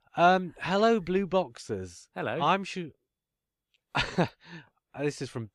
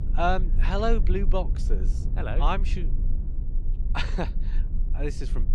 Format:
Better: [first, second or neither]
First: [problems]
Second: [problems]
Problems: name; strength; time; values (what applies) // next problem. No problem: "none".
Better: first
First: none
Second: low rumble; noticeable; throughout; 15 dB below the speech